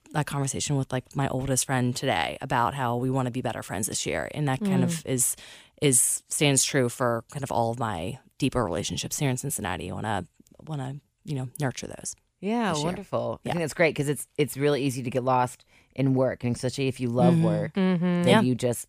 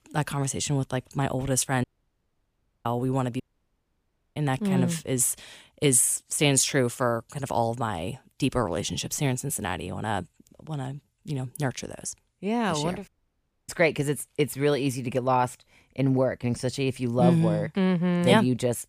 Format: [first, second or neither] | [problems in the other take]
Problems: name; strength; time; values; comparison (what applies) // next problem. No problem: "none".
first | audio cutting out; at 2 s for 1 s, at 3.5 s for 1 s and at 13 s for 0.5 s